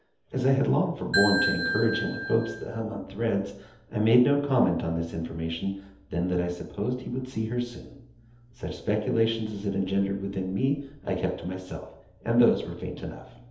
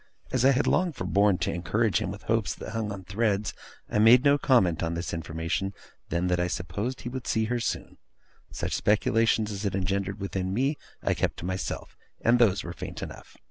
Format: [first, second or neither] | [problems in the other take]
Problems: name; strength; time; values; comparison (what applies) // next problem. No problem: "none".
second | background sound (Ringtone / Bell); 2 dB below the speech // room echo; dies away in 0.8 s